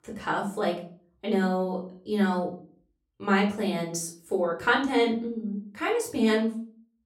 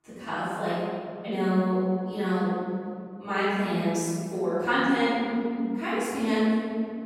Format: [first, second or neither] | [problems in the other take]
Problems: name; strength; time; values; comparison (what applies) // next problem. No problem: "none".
first | room echo; strong; dies away in 2.3 s; slight in the first // off-mic speech; far; far in the first